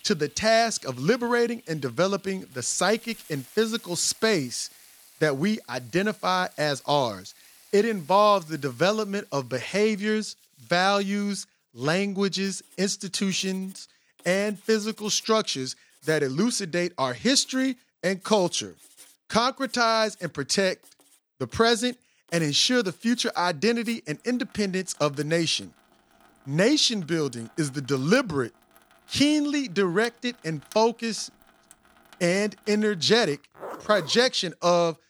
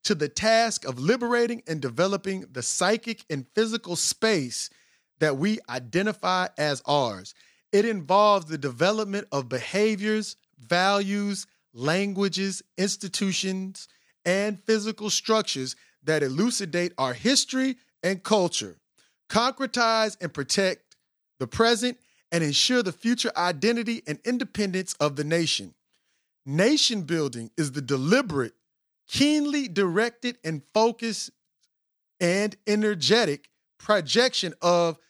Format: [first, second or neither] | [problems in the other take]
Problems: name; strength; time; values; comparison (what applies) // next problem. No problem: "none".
second | household noises; faint; throughout; 25 dB below the speech